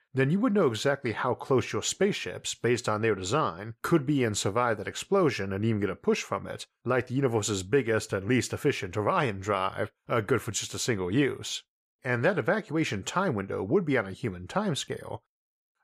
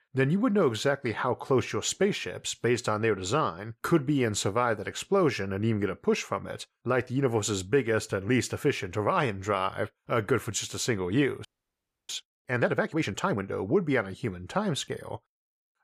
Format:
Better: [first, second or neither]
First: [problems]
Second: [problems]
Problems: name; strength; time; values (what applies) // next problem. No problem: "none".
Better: first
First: none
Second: audio freezing; at 11 s for 0.5 s